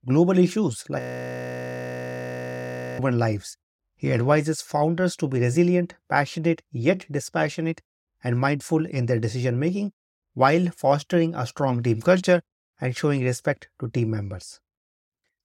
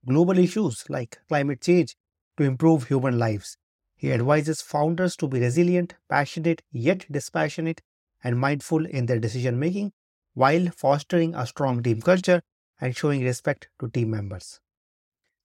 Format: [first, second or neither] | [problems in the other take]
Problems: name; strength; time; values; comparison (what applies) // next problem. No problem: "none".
second | audio freezing; at 1 s for 2 s